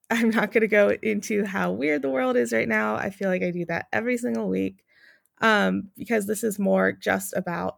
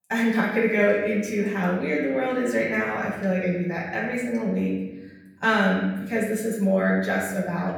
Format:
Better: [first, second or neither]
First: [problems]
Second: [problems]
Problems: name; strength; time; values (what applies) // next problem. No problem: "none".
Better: first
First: none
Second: off-mic speech; far // room echo; noticeable; dies away in 1.2 s